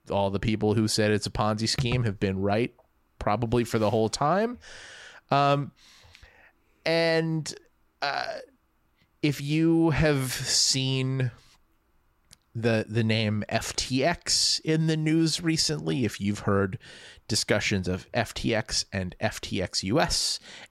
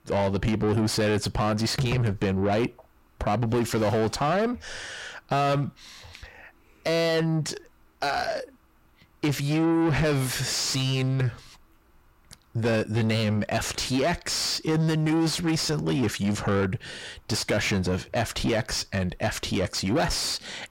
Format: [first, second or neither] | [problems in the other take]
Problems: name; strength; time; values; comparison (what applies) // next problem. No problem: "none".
first | distortion; heavy; 7 dB below the speech